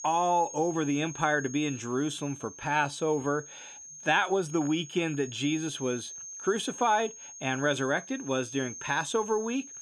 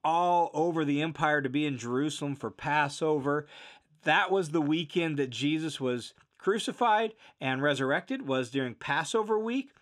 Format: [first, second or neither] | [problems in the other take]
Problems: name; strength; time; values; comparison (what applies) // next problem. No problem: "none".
second | high-pitched whine; noticeable; throughout; 6.5 kHz, 10 dB below the speech